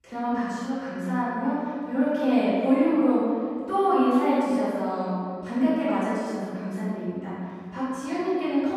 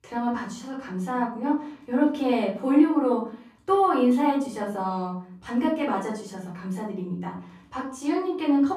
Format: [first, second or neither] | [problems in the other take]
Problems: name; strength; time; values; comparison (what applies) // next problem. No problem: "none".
second | room echo; strong; dies away in 2.1 s; slight in the second // off-mic speech; far; far in the second